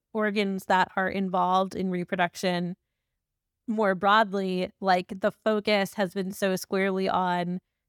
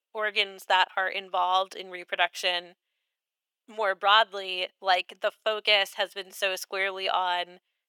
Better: first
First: none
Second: thin; very; fading below 500 Hz

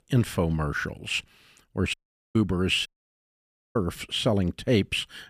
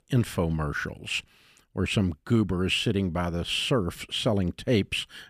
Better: second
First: audio cutting out; at 2 s and at 3 s for 1 s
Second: none

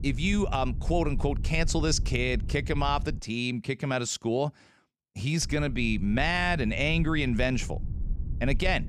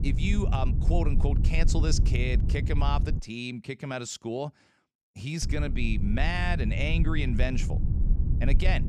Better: first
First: low rumble; faint; until 3 s and from 5.5 s on; 20 dB below the speech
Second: low rumble; loud; until 3 s and from 5.5 s on; 10 dB below the speech

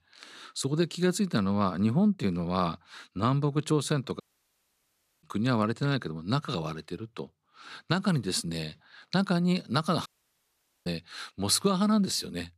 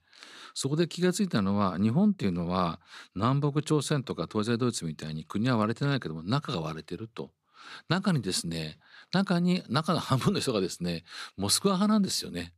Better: second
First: audio cutting out; at 4 s for 1 s and at 10 s for 1 s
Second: none

